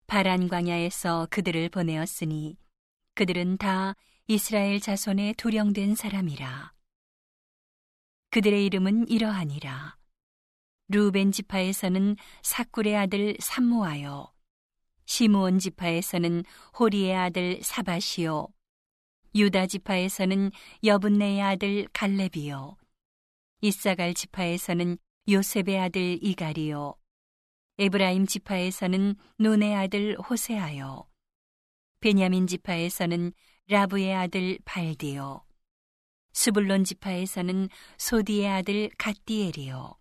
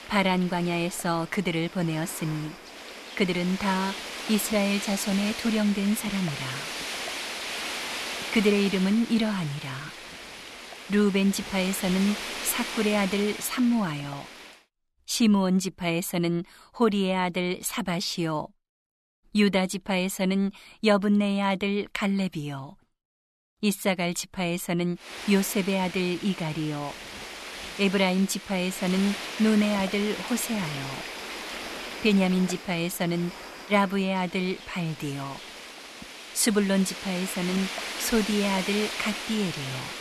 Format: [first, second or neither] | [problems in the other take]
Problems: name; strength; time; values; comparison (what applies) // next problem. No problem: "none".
first | wind noise on the microphone; heavy; until 15 s and from 25 s on; 6 dB below the speech